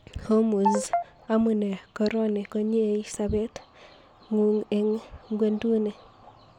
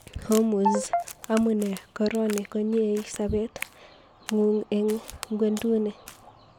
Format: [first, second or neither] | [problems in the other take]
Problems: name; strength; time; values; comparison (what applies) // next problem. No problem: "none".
first | background sound (Crack); 18 dB below the speech